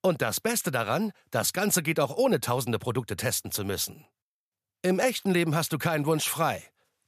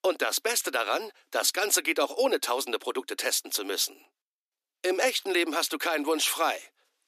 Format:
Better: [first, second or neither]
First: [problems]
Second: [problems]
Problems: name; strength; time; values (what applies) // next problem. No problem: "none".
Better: first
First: none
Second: thin; somewhat; fading below 250 Hz